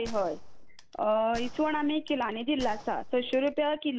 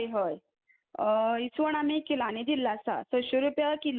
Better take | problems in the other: second | background sound (Gunshot, gunfire); 11 dB below the speech

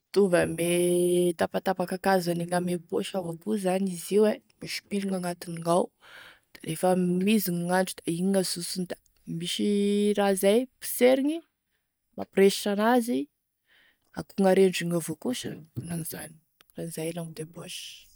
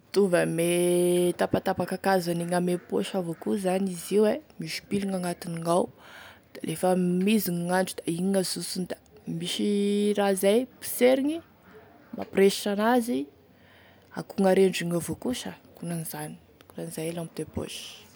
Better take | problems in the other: second | noise reduction (neural mask model DeepFilterNet 3)

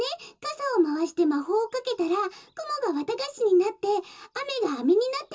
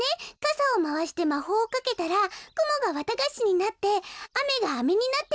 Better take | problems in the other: second | room echo; dies away in 0.2 s

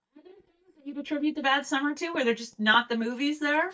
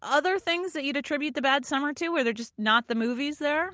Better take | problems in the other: second | noise reduction (neural mask model DeepFilterNet 3)

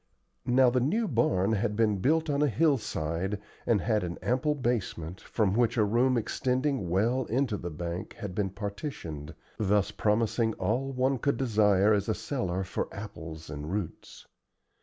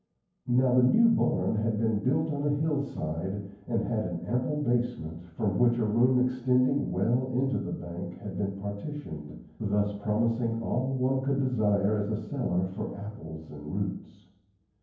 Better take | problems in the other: first | room echo; dies away in 0.9 s

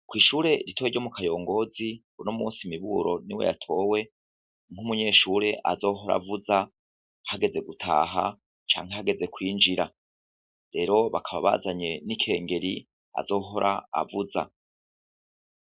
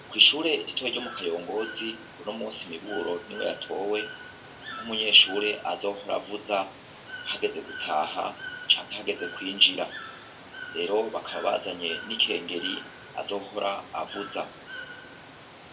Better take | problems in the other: first | background sound (Water / Bird); 13 dB below the speech // room echo; dies away in 0.2 s

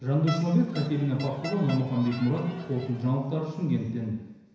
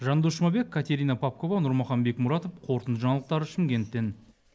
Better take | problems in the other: second | background sound (Crowd); 14 dB below the speech // room echo; dies away in 1 s

